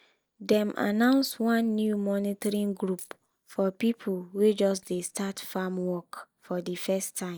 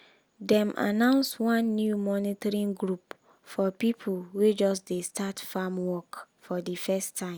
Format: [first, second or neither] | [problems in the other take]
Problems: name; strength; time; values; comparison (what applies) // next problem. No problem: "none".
second | noise reduction (neural mask model DeepFilterNet 3)